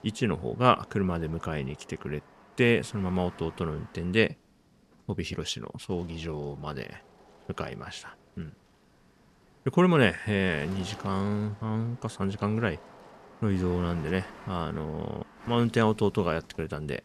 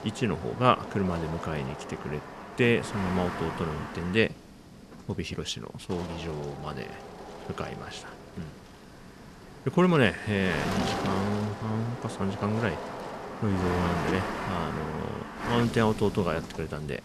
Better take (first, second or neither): first